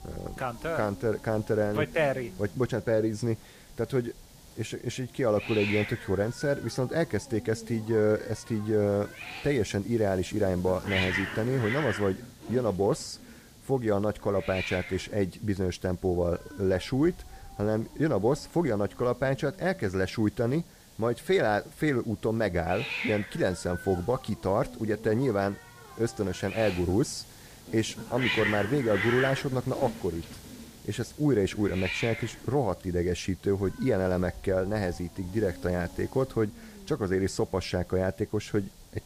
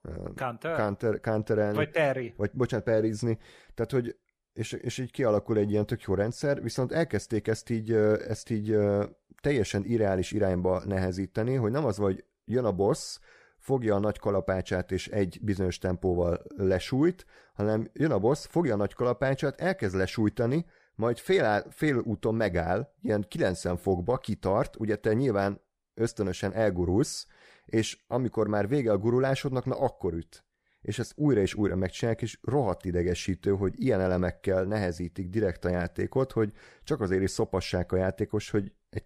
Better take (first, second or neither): second